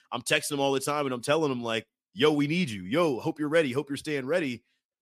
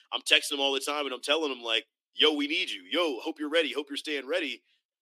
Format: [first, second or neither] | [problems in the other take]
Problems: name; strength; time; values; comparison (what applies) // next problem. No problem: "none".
first | thin; very slightly; fading below 300 Hz